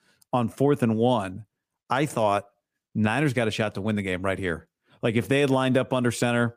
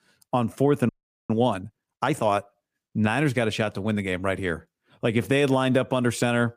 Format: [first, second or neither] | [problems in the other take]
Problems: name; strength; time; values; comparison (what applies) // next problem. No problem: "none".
first | audio freezing; at 1 s